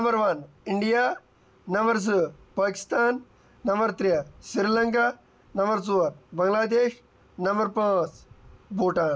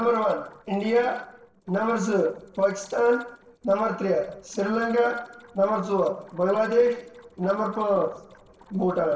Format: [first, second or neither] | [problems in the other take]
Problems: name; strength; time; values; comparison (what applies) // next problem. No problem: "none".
first | noise reduction (neural separator model SepFormer DNS4)